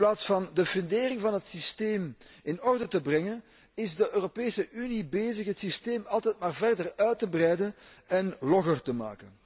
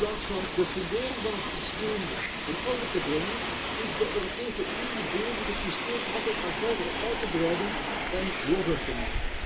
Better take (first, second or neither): first